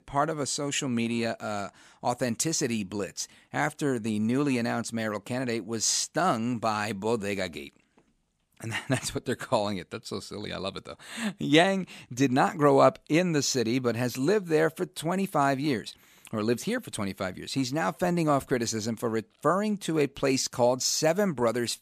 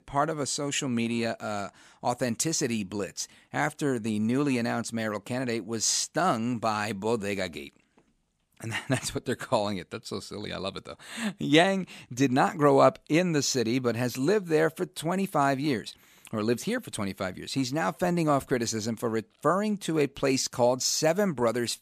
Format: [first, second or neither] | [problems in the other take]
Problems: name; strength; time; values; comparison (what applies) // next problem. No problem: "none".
neither | none